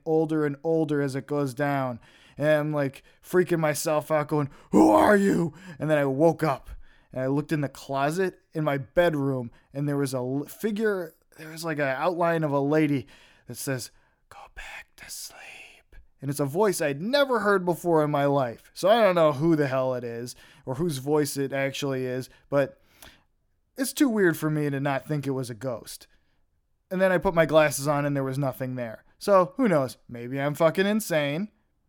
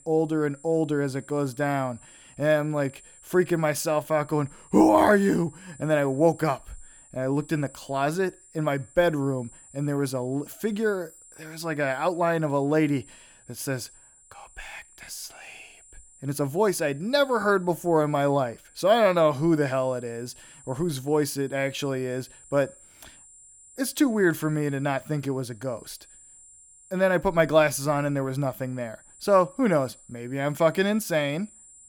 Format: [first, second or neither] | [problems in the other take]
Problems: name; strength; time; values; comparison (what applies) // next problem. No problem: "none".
first | high-pitched whine; faint; throughout; 7.5 kHz, 25 dB below the speech